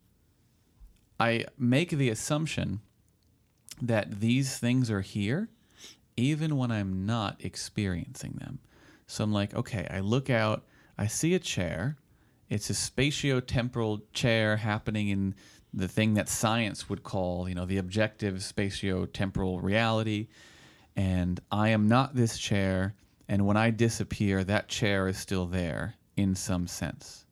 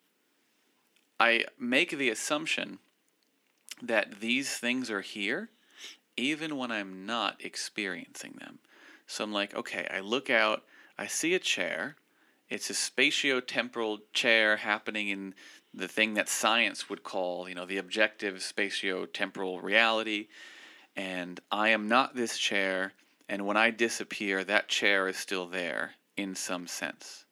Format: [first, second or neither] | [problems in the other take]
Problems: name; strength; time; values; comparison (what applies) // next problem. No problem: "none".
first | thin; somewhat; fading below 250 Hz